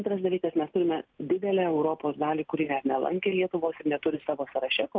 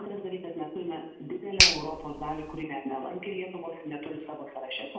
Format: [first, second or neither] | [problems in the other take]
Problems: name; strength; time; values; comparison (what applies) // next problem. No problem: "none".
first | background sound (Finger snapping); 3 dB above the speech // room echo; dies away in 0.9 s